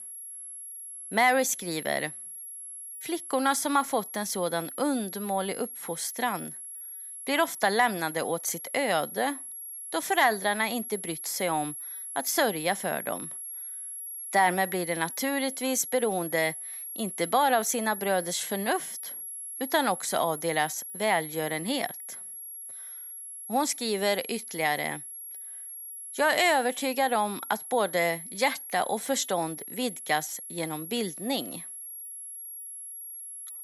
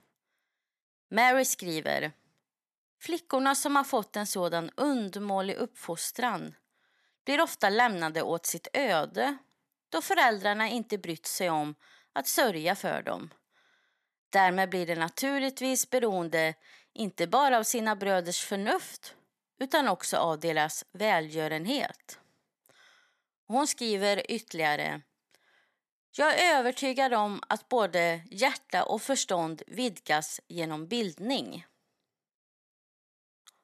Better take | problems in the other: second | high-pitched whine; loud; throughout; 11 kHz, 9 dB below the speech

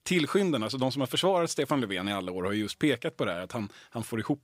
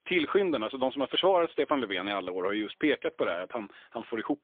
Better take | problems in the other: first | phone-call audio; poor line; nothing above 3.5 kHz

